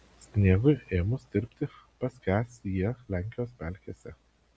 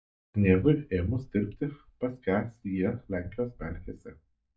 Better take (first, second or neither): first